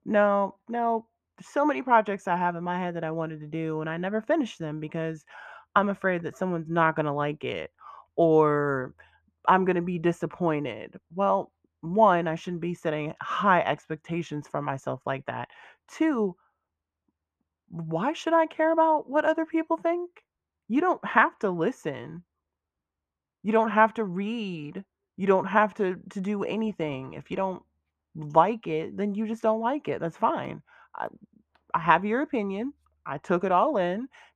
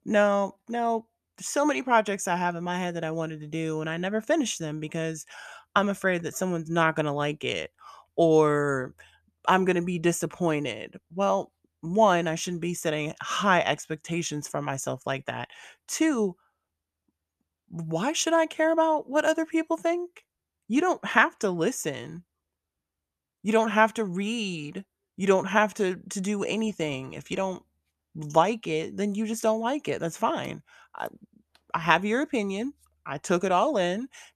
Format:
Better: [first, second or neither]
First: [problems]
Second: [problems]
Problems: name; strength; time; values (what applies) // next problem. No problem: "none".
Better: second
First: muffled; very; fading above 4 kHz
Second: none